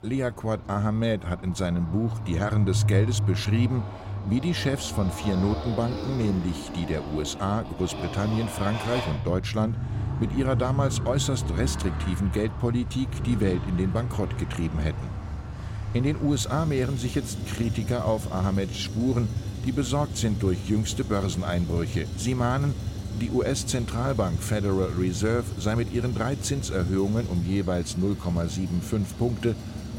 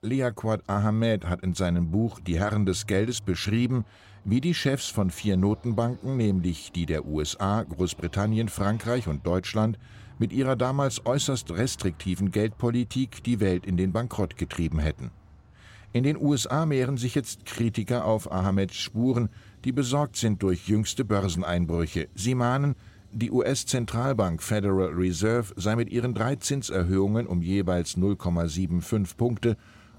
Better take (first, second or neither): second